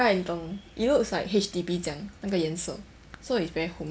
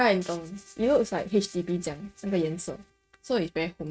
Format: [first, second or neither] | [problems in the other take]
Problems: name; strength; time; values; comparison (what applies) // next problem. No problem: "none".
first | noise reduction (neural mask model RNNoise)